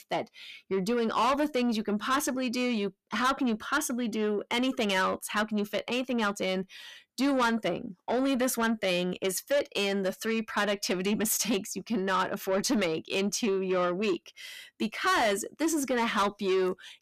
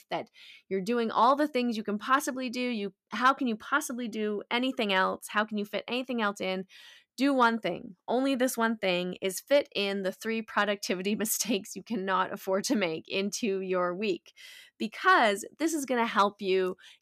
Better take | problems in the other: second | distortion; heavy; 8 dB below the speech

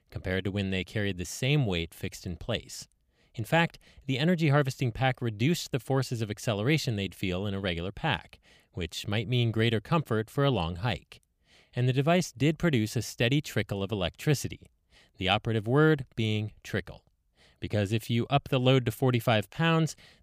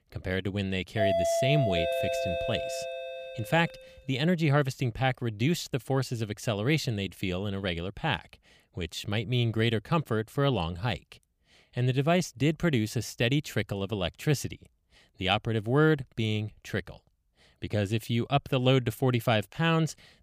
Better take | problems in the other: first | doorbell; loud; from 1 to 3.5 s; peak 3 dB above the speech

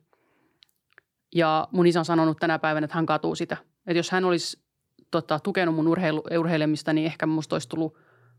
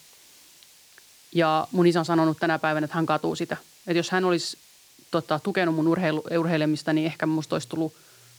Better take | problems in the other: first | hiss; faint; throughout; 25 dB below the speech

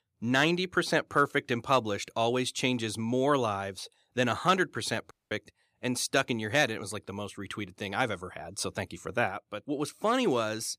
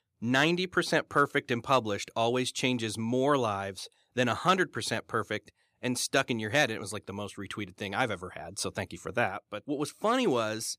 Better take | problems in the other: second | audio cutting out; at 5 s

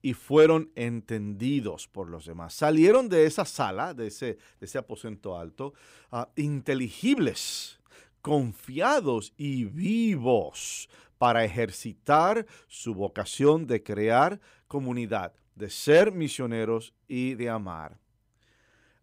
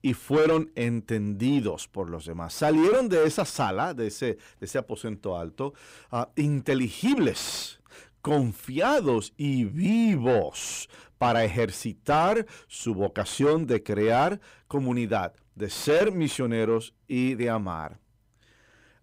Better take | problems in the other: first | distortion; heavy; 7 dB below the speech

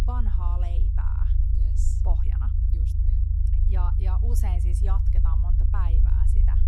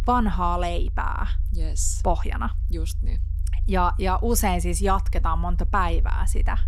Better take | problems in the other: second | low rumble; loud; throughout; 2 dB below the speech; faint in the second

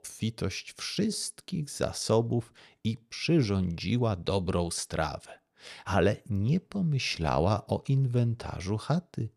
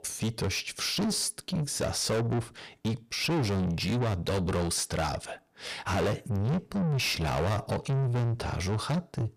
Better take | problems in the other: first | distortion; heavy; 6 dB below the speech

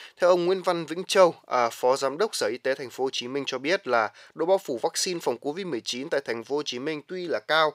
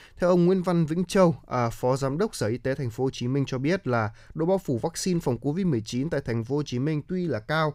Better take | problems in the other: second | thin; very; fading below 500 Hz

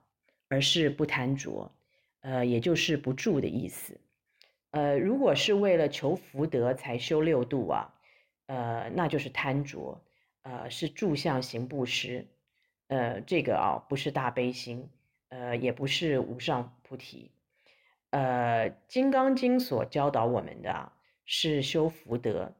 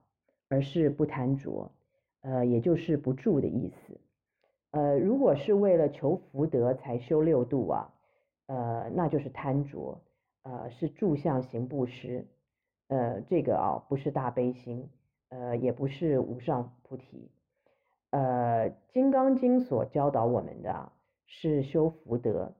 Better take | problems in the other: first | muffled; very; fading above 2 kHz

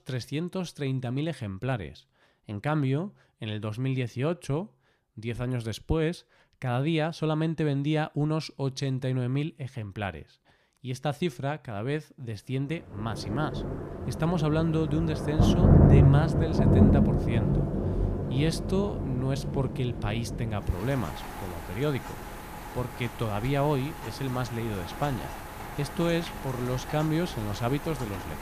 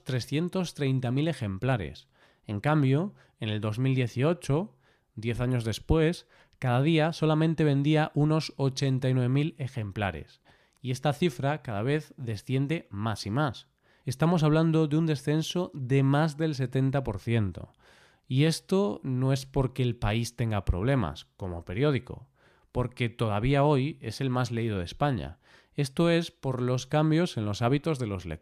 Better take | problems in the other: second | rain or running water; very loud; from 13 s on; 2 dB above the speech

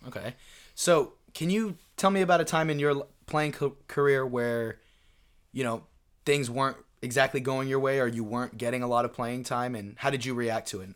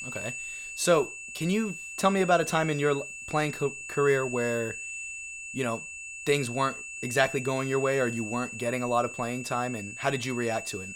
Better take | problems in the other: first | high-pitched whine; loud; throughout; 2.5 kHz, 9 dB below the speech

